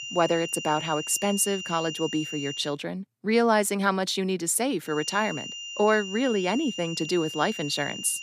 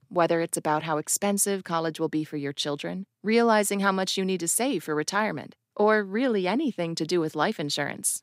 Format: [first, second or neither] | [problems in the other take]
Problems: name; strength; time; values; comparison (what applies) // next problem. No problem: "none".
second | high-pitched whine; loud; until 2.5 s and from 5 s on; 3 kHz, 8 dB below the speech